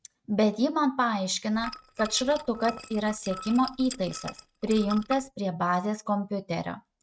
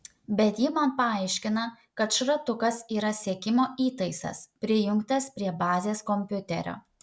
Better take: second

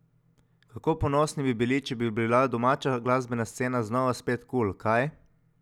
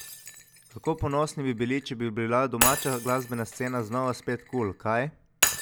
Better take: first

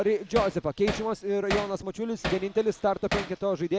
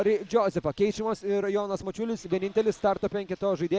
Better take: second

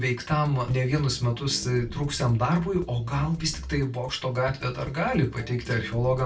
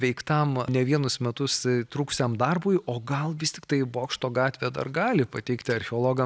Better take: second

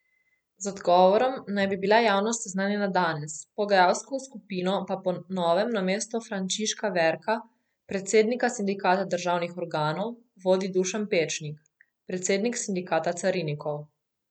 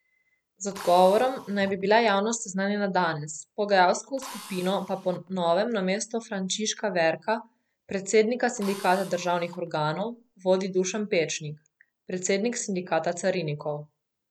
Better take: first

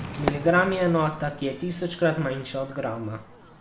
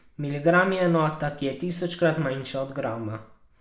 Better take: second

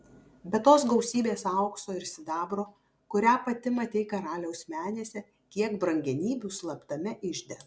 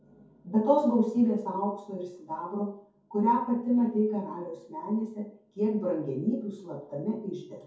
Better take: first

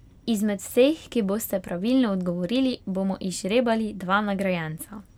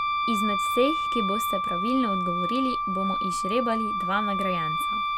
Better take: first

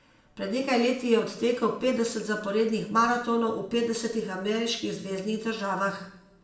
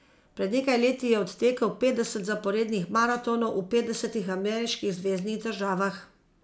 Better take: second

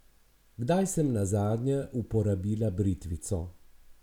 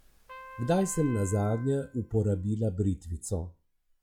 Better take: first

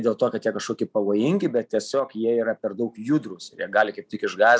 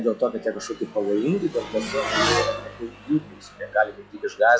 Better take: first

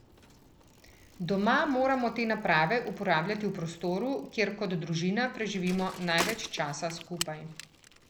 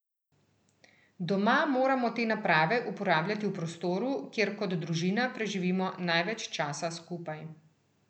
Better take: second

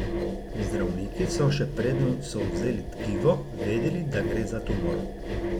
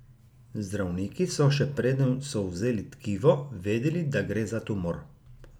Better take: second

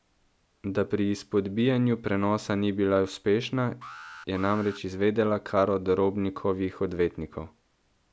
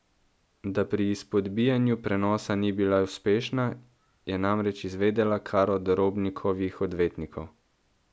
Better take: second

